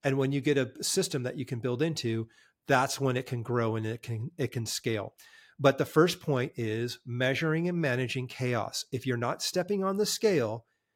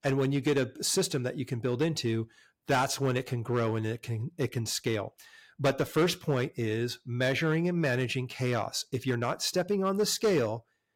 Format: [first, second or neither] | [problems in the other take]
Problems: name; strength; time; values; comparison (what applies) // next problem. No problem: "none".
first | distortion; slight; 4% of the sound clipped